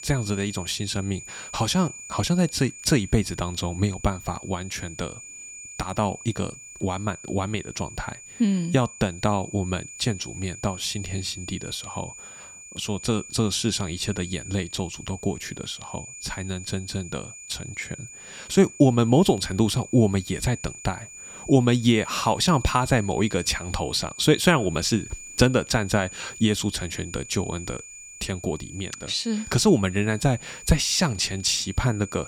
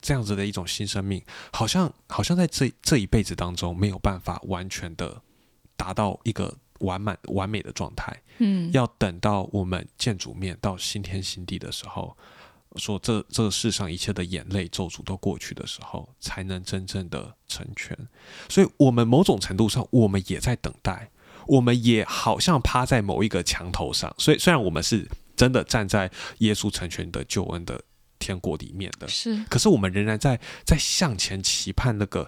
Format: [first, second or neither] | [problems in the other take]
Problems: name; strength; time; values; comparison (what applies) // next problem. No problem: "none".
second | high-pitched whine; noticeable; throughout; 7 kHz, 15 dB below the speech